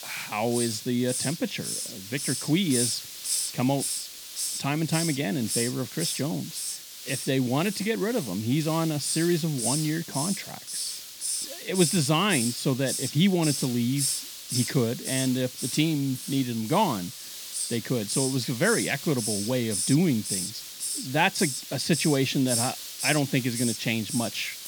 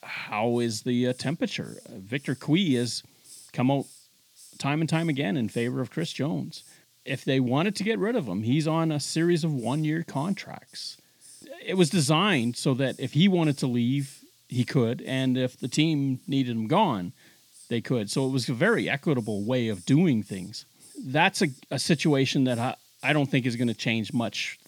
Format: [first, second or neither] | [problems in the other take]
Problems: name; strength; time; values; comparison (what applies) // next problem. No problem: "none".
second | hiss; loud; throughout; 4 dB below the speech; faint in the second